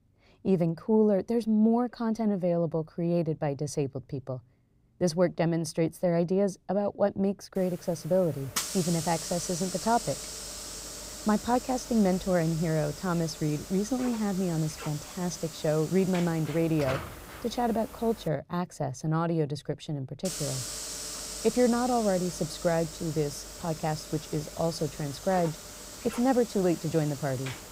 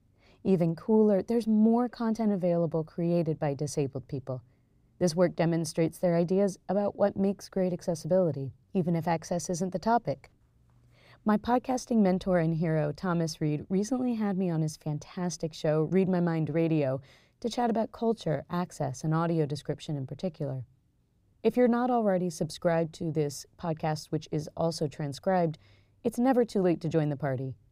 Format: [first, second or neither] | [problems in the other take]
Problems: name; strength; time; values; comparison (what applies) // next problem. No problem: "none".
second | hiss; loud; from 7.5 to 18 s and from 20 s on; 9 dB below the speech